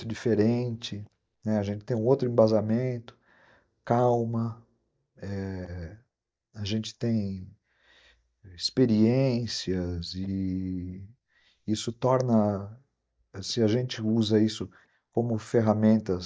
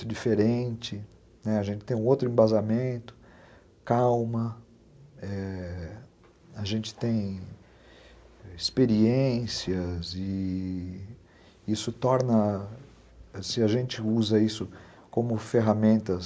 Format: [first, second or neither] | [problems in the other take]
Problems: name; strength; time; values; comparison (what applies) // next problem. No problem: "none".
second | noise reduction (neural mask model DeepFilterNet 3)